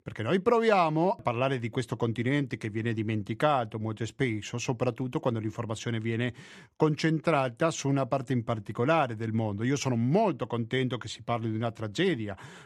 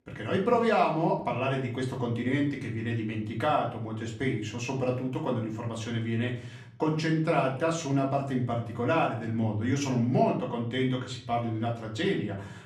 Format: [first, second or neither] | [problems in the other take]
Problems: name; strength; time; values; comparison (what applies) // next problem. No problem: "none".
first | room echo; slight; dies away in 0.5 s // off-mic speech; far